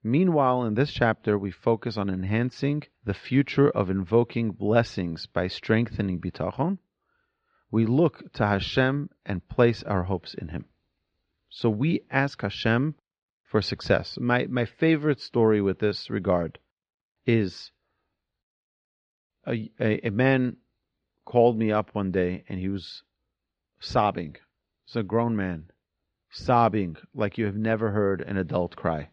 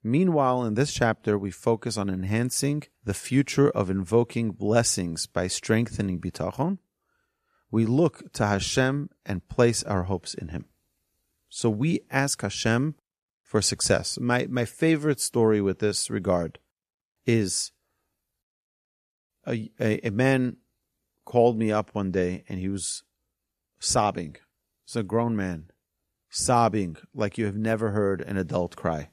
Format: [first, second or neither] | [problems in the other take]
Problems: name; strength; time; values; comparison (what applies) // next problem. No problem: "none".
second | muffled; slightly; fading above 4 kHz